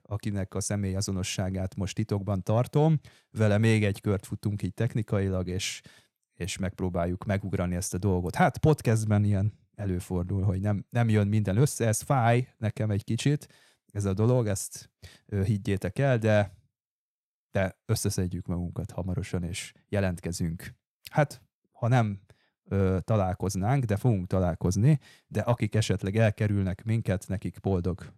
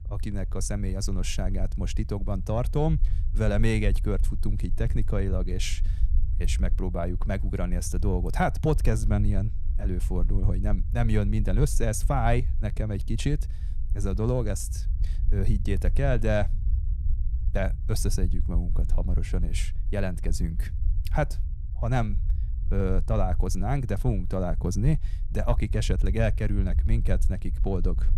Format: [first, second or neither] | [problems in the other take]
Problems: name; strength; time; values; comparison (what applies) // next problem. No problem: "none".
first | low rumble; noticeable; throughout; 20 dB below the speech